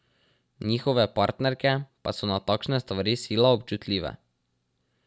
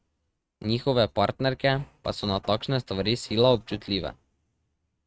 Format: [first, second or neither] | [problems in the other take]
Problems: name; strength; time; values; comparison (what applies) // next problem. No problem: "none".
first | noise reduction (neural mask model RNNoise)